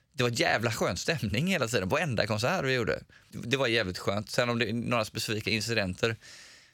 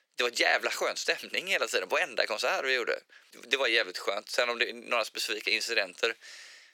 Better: first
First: none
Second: thin; very; fading below 350 Hz

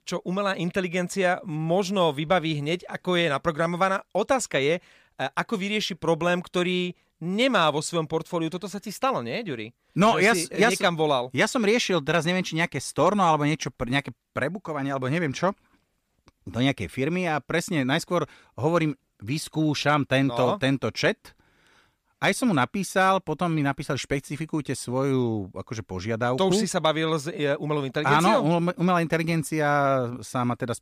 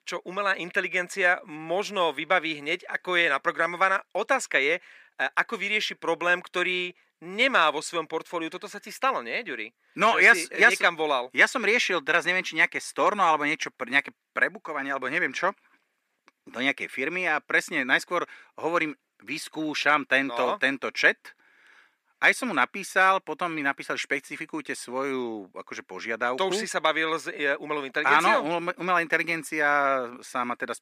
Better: first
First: none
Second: thin; somewhat; fading below 300 Hz

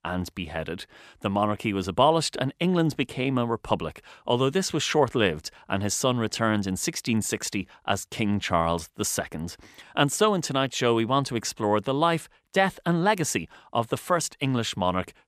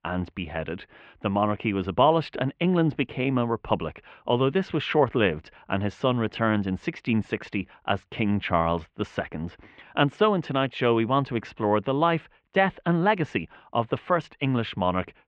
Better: first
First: none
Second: muffled; very; fading above 2.5 kHz

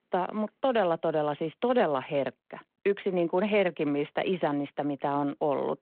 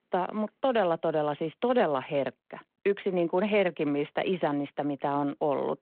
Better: neither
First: phone-call audio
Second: phone-call audio

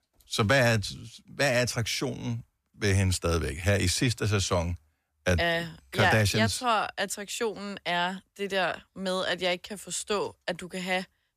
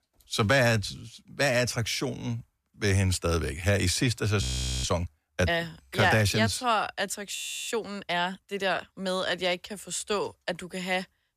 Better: first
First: none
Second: audio freezing; at 4.5 s and at 7.5 s

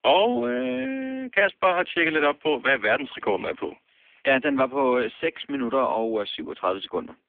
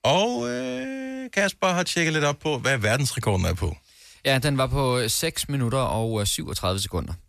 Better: second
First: phone-call audio; poor line; nothing above 3.5 kHz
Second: none

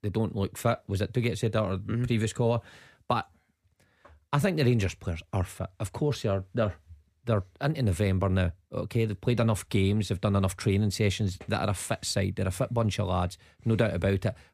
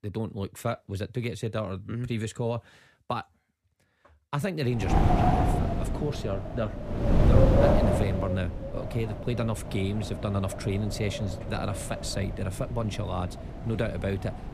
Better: first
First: none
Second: wind noise on the microphone; heavy; from 4.5 s on; 4 dB above the speech

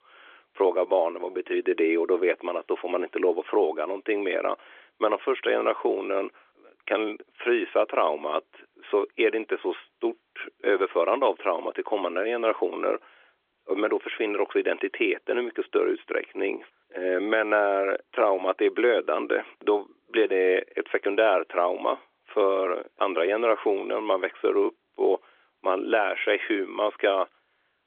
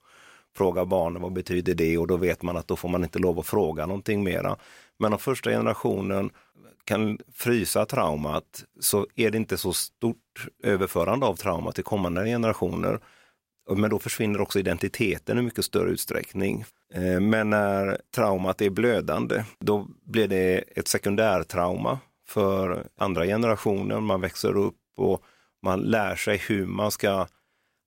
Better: second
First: phone-call audio; nothing above 3.5 kHz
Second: none

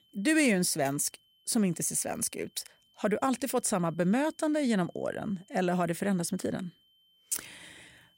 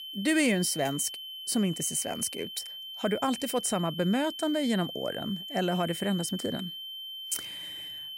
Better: first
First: high-pitched whine; faint; throughout; 3 kHz, 35 dB below the speech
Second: high-pitched whine; loud; throughout; 3 kHz, 8 dB below the speech

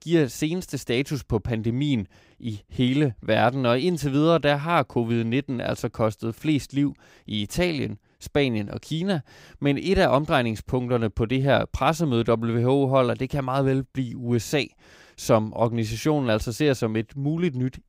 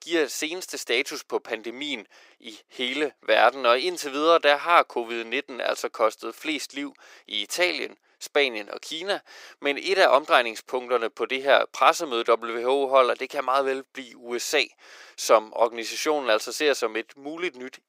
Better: first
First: none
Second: thin; very; fading below 400 Hz

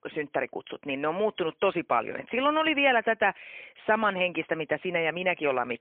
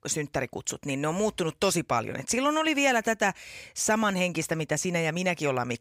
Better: second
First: phone-call audio; poor line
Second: none

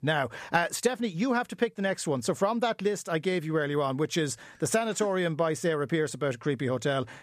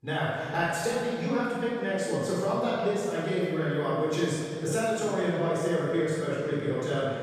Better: first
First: none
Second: off-mic speech; far // room echo; strong; dies away in 2 s

